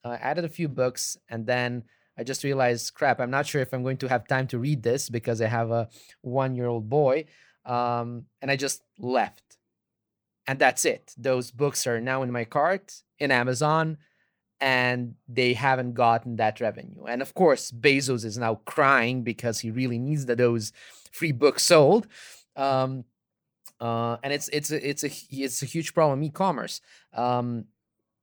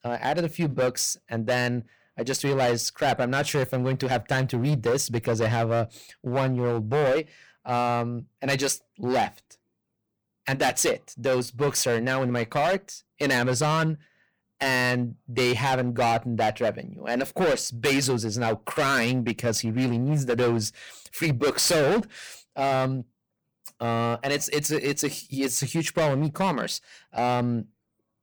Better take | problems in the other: first | distortion; heavy; 13% of the sound clipped

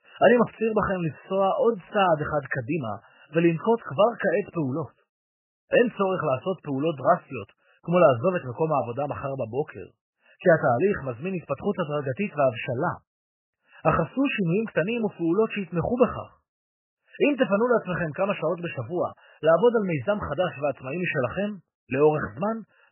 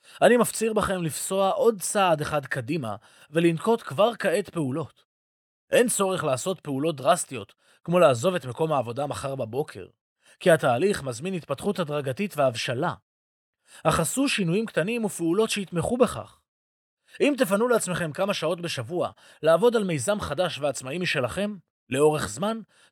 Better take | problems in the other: second | garbled, watery; badly; nothing above 3 kHz

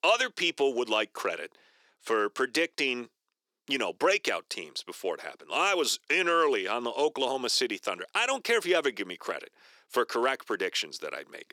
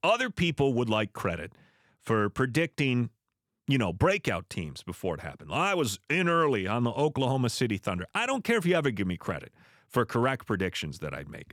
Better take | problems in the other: second | thin; somewhat; fading below 350 Hz

